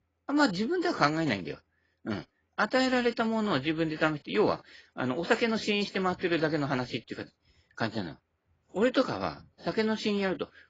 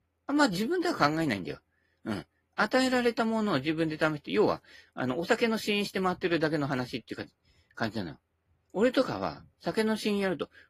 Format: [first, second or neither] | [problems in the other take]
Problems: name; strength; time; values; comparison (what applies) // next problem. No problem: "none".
second | garbled, watery; badly; nothing above 7.5 kHz; slightly in the second